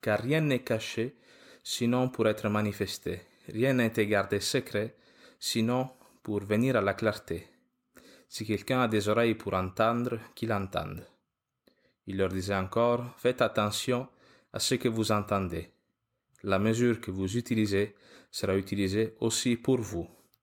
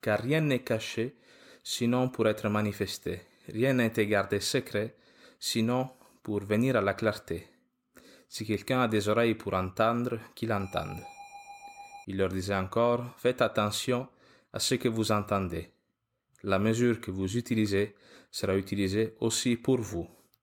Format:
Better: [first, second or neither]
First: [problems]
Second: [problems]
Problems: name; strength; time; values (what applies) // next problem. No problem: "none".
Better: first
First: none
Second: alarm; faint; from 11 to 12 s; peak 15 dB below the speech